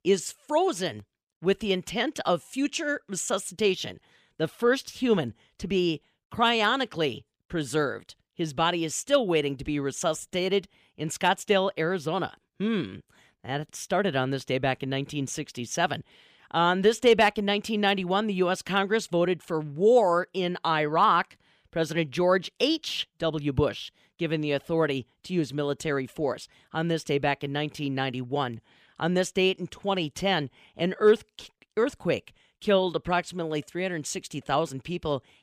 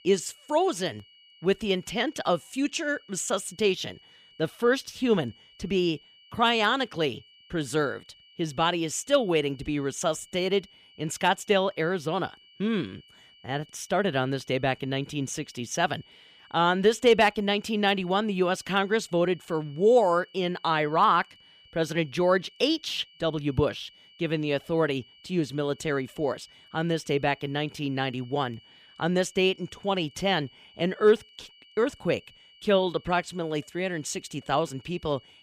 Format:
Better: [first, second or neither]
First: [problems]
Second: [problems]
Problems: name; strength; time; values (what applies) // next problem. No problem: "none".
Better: first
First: none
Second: high-pitched whine; faint; throughout; 3 kHz, 25 dB below the speech